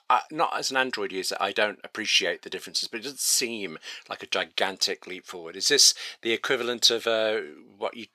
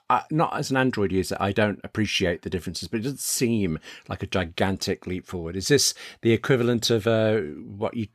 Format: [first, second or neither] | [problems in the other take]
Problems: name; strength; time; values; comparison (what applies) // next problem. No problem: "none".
second | thin; somewhat; fading below 500 Hz